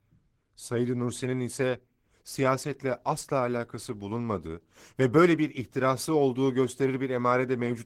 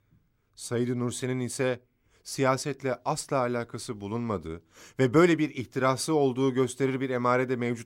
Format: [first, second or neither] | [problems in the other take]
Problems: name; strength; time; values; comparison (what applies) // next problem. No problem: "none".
second | garbled, watery; slightly; nothing above 16.5 kHz